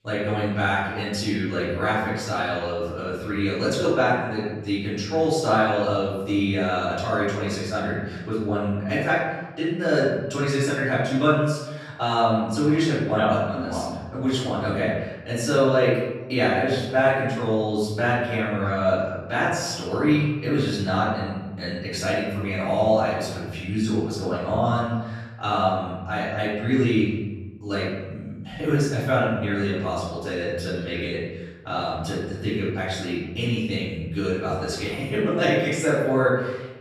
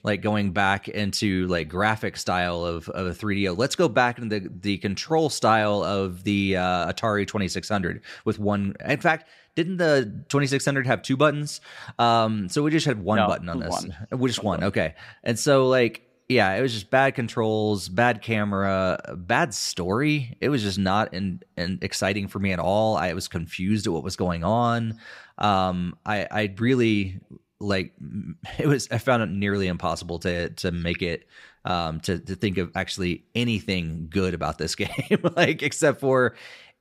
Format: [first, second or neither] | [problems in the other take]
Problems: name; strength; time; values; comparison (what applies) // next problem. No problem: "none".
second | off-mic speech; far // room echo; noticeable; dies away in 1 s